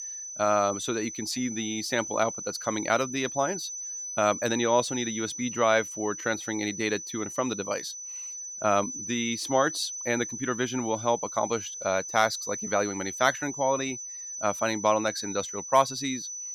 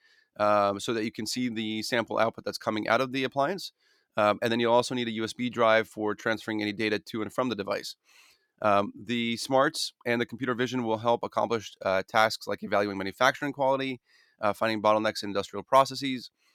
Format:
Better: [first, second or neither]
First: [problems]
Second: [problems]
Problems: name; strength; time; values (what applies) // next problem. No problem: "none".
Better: second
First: high-pitched whine; loud; throughout; 6 kHz, 7 dB below the speech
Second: none